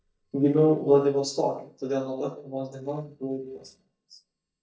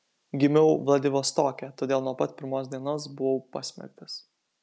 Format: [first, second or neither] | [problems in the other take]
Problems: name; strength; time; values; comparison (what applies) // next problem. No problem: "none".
second | noise reduction (neural mask model DeepFilterNet 3)